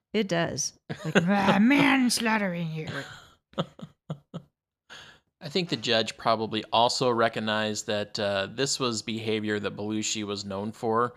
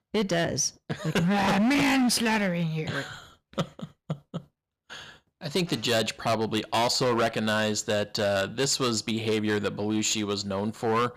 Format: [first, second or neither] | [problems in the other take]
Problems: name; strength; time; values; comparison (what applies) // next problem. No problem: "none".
first | distortion; heavy; 11% of the sound clipped